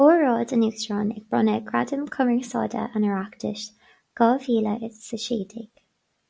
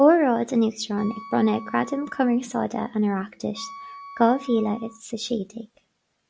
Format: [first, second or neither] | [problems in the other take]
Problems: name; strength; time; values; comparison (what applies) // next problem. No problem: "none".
first | background sound (Wind instrument, woodwind instrument); 19 dB below the speech